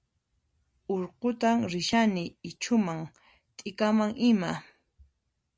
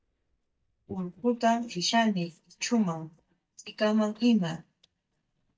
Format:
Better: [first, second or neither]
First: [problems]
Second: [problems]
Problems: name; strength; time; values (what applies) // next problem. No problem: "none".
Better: first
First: none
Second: noise reduction (neural mask model DeepFilterNet 3)